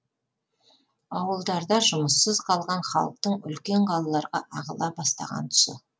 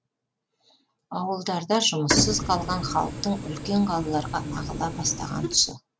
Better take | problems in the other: first | background sound (Printer); 4 dB below the speech

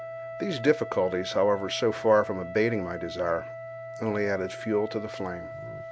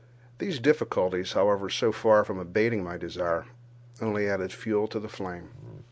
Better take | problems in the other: second | background sound (Wind instrument, woodwind instrument); 11 dB below the speech

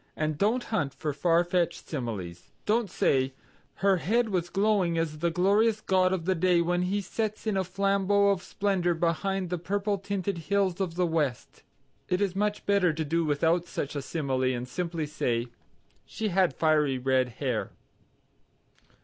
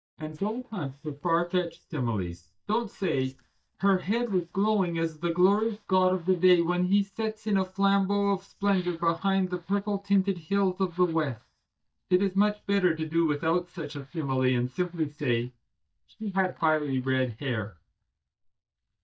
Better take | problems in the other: first | noise reduction (neural mask model DeepFilterNet 3)

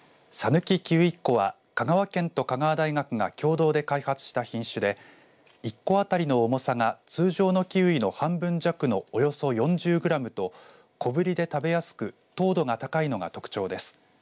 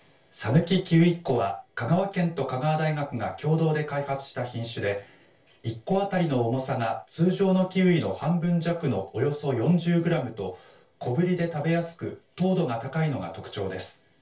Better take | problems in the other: first | room echo; dies away in 0.2 s

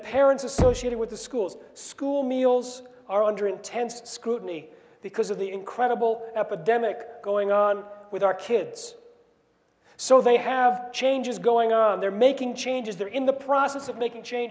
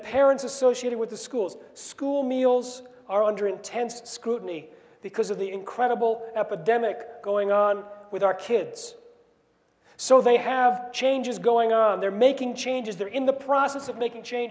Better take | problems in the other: second | background sound (Knock); 9 dB below the speech

